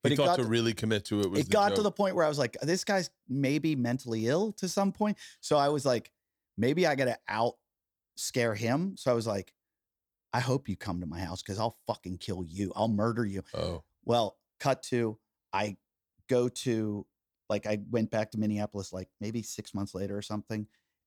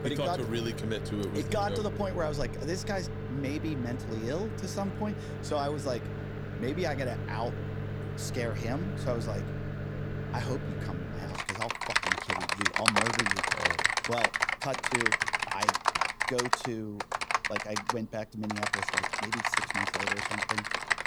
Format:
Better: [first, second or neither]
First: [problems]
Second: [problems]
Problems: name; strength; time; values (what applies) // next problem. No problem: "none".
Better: first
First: none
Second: household noises; very loud; throughout; 4 dB above the speech